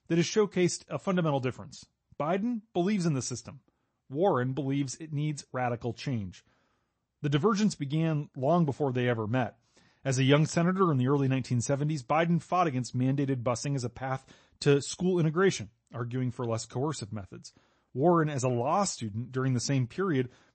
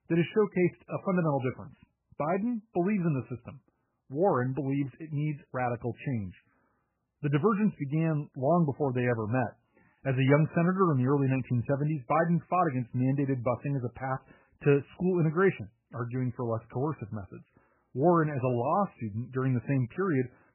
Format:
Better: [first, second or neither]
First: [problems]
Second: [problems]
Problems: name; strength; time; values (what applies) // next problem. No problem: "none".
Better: first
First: garbled, watery; slightly; nothing above 8 kHz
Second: garbled, watery; badly; nothing above 3 kHz